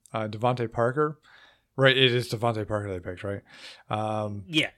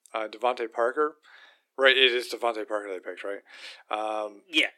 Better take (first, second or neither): first